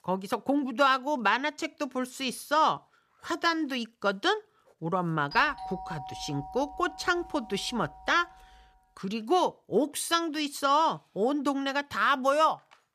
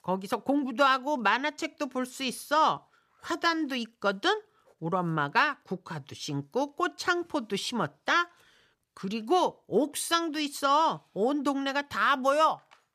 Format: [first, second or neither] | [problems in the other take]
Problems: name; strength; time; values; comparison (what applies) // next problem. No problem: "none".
second | doorbell; faint; from 5.5 to 8.5 s; peak 10 dB below the speech